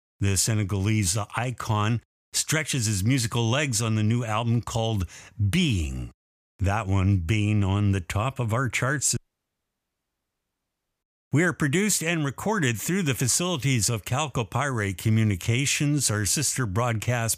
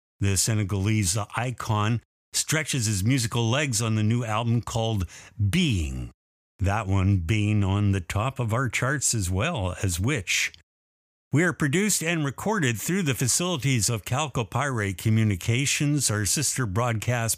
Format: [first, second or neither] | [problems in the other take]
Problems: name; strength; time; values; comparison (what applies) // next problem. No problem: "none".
second | audio cutting out; at 9 s for 2 s